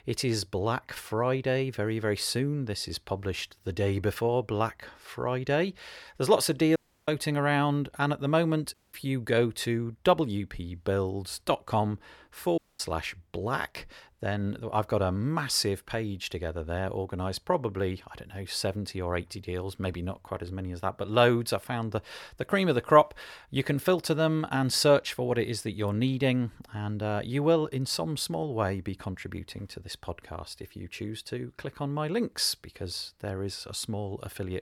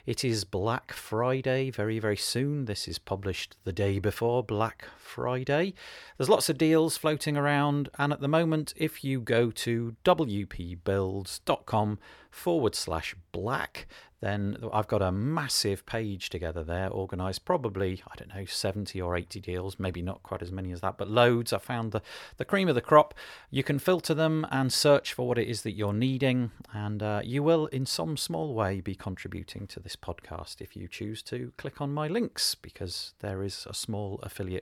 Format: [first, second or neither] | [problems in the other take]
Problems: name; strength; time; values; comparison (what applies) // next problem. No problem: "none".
second | audio cutting out; at 7 s, at 8.5 s and at 13 s